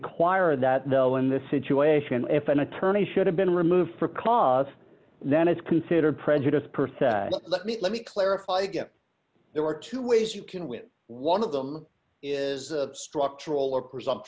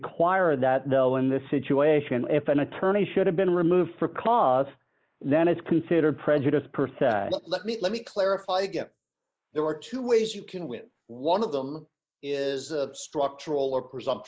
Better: first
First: none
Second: noise reduction (neural mask model Resemble Enhance denoiser)

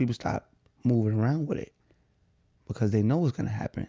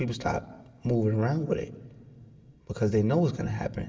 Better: first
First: none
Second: room echo; dies away in 2.3 s

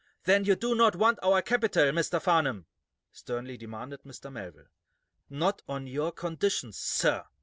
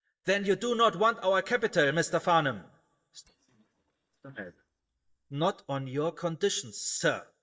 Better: first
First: none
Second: noise reduction (neural mask model DeepFilterNet 3)

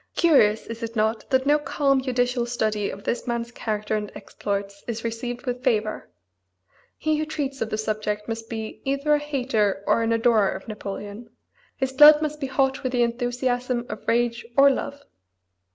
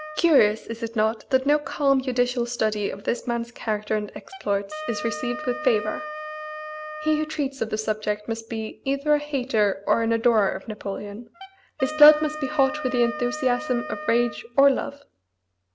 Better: first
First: none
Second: background sound (Wind instrument, woodwind instrument); 14 dB below the speech

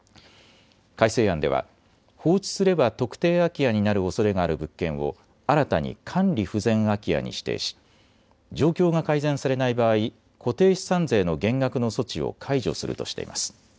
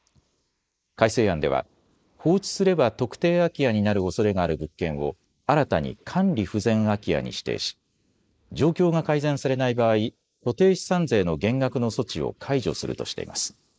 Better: first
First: none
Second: noise reduction (neural mask model Resemble Enhance denoiser)

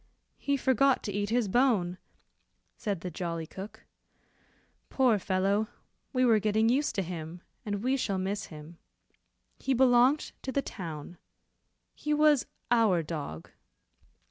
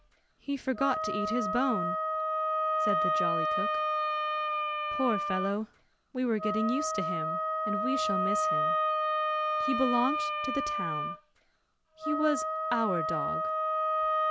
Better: first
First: none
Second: background sound (Wind instrument, woodwind instrument); 3 dB above the speech

